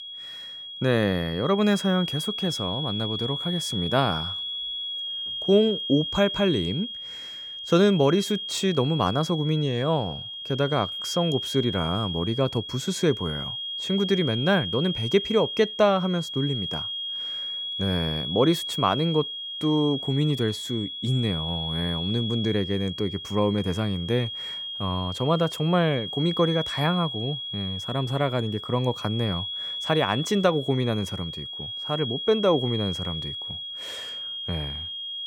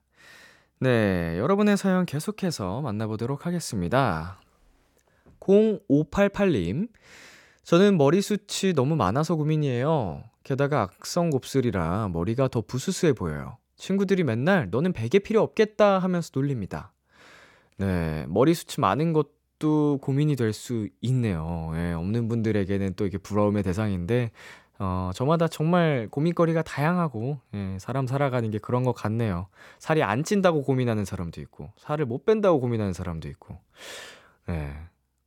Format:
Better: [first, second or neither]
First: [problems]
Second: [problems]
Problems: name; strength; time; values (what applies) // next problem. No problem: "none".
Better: second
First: high-pitched whine; loud; throughout; 3.5 kHz, 5 dB below the speech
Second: none